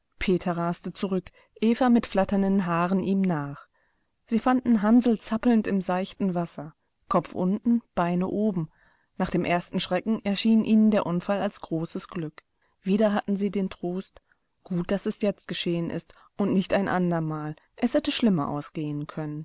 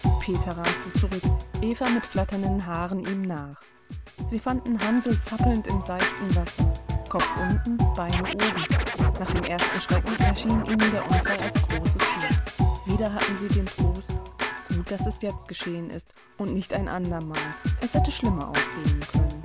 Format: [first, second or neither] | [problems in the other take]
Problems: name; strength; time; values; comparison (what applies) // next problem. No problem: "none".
first | background sound (Scratching (performance technique)); 4 dB above the speech